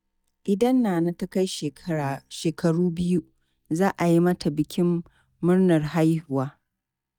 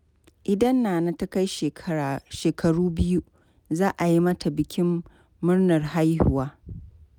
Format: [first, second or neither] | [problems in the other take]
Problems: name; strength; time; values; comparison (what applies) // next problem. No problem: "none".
second | noise reduction (neural mask model DeepFilterNet 3)